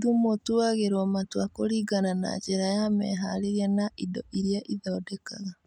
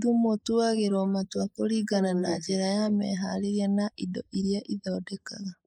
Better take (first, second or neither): first